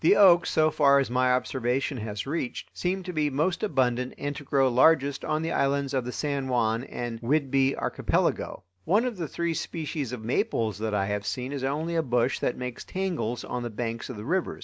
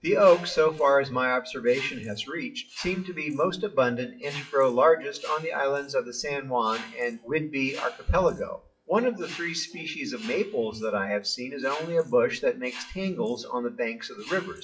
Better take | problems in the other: first | noise reduction (classical method WPE with log-MMSE)

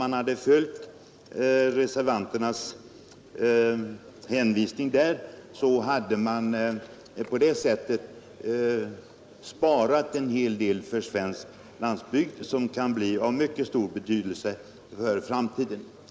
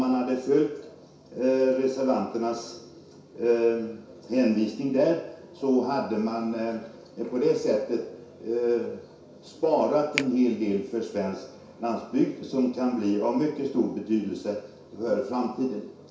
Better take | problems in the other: first | background sound (Finger snapping); 13 dB below the speech // room echo; dies away in 0.6 s

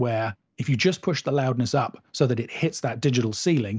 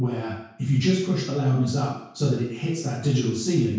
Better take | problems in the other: first | room echo; dies away in 0.6 s

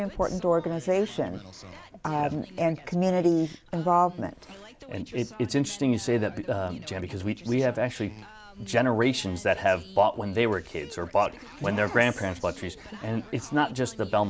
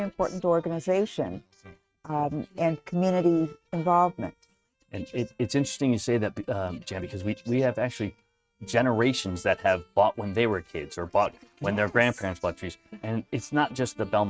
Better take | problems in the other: first | noise reduction (neural mask model RNNoise)

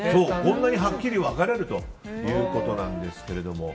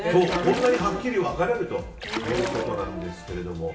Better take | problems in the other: first | background sound (Splash, splatter); 10 dB below the speech // room echo; dies away in 0.7 s

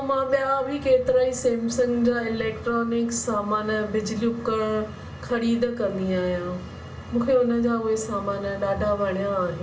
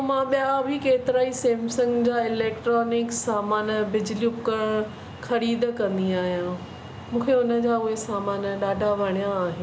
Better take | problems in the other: second | room echo; dies away in 0.2 s

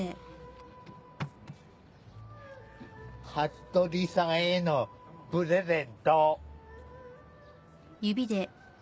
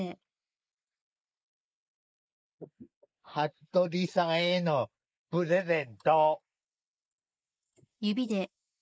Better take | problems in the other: first | noise reduction (neural mask model Resemble Enhance denoiser)

